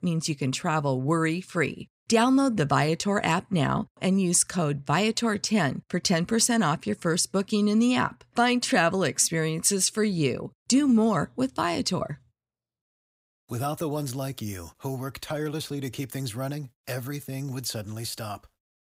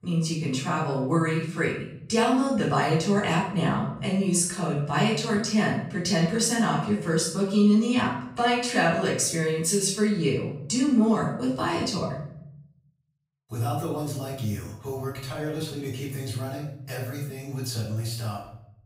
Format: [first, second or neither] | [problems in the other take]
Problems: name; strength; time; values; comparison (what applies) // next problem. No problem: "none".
first | off-mic speech; far // room echo; noticeable; dies away in 0.6 s